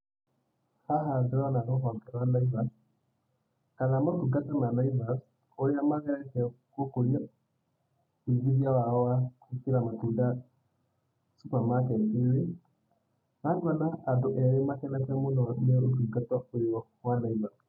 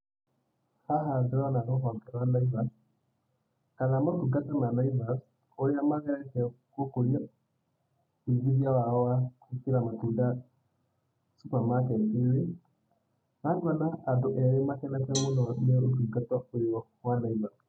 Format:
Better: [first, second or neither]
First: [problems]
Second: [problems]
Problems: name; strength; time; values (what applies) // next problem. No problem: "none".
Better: first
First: none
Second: background sound (Cowbell); 14 dB below the speech